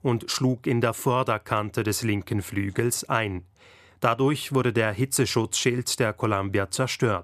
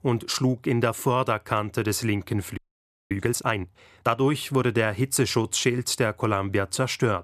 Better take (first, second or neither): first